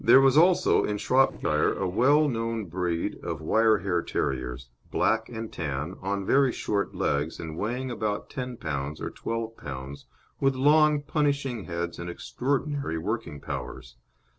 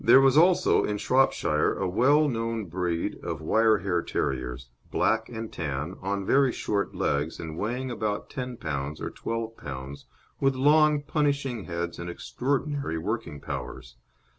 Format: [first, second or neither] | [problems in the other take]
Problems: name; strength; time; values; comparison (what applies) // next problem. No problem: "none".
second | noise reduction (neural separator model SepFormer DNS4)